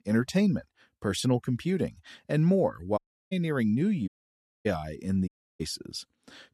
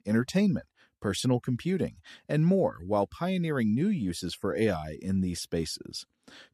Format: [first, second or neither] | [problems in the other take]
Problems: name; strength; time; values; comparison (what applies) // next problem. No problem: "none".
second | audio cutting out; at 3 s, at 4 s for 0.5 s and at 5.5 s